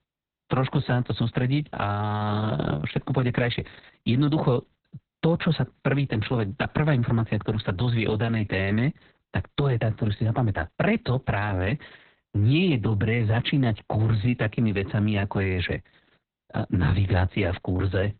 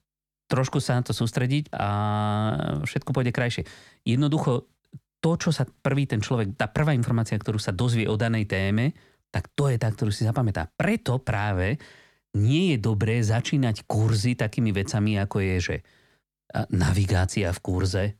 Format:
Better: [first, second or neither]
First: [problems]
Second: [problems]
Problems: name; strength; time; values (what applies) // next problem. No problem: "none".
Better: second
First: garbled, watery; badly; nothing above 4 kHz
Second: none